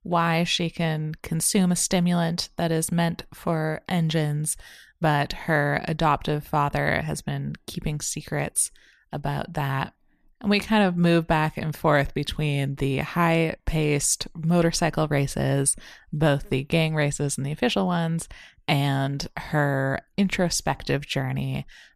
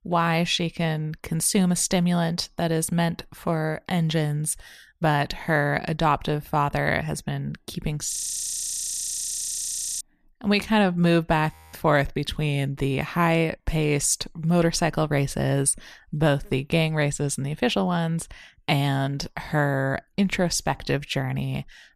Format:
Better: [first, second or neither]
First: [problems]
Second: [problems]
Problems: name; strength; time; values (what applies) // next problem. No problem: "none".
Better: first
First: none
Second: audio freezing; at 8 s for 2 s and at 12 s